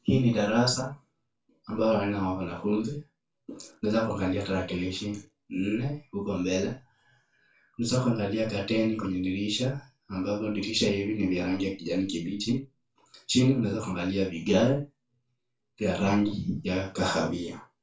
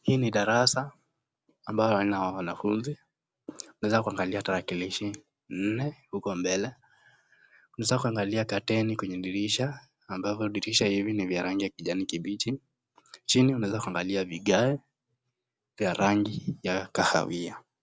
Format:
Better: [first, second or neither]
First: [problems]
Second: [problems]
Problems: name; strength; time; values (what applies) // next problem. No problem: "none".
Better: second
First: room echo; dies away in 0.2 s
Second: none